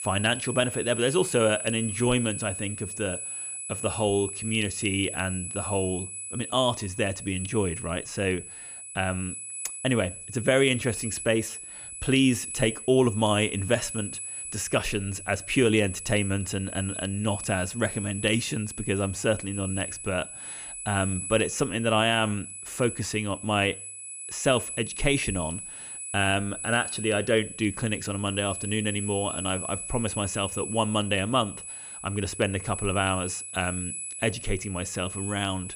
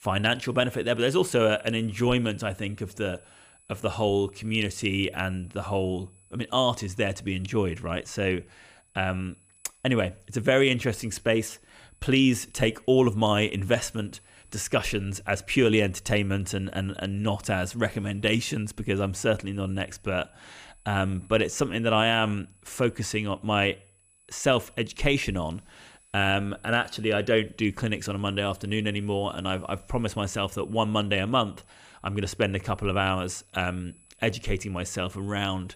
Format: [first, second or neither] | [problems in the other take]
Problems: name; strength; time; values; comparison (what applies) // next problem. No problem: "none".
second | high-pitched whine; loud; throughout; 10 kHz, 7 dB below the speech; faint in the second